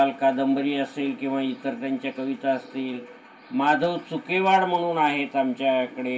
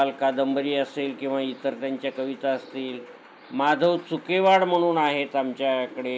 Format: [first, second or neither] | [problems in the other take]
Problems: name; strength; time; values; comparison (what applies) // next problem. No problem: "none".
second | room echo; dies away in 0.2 s